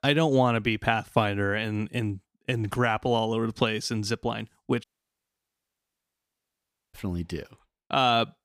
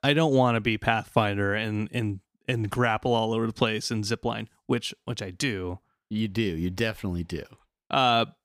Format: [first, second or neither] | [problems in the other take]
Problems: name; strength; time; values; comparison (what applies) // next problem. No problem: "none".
second | audio cutting out; at 5 s for 2 s